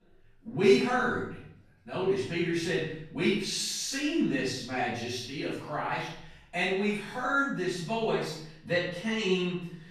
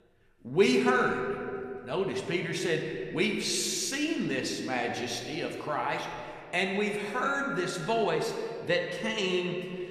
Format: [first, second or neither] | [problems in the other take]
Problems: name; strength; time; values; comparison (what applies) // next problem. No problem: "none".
second | room echo; strong; dies away in 0.7 s; slight in the second // off-mic speech; far